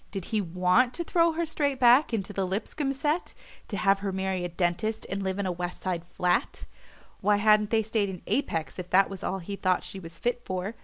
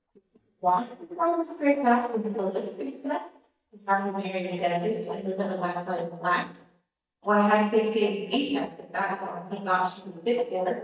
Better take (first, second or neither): first